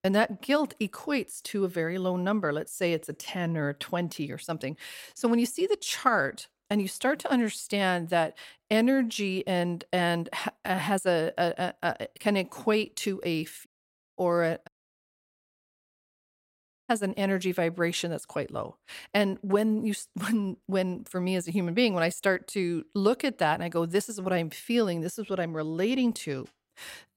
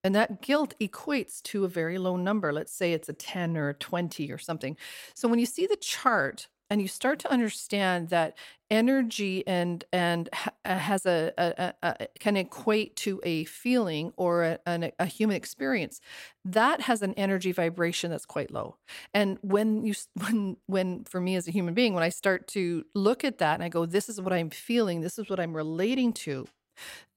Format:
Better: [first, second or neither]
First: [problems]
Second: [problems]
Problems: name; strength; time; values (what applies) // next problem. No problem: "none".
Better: second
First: audio cutting out; at 14 s for 0.5 s and at 15 s for 2 s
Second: none